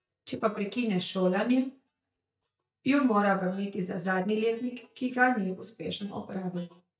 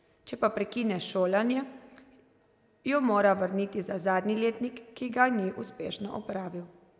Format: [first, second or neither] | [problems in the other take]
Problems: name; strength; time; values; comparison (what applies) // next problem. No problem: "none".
second | noise reduction (neural mask model DeepFilterNet 3)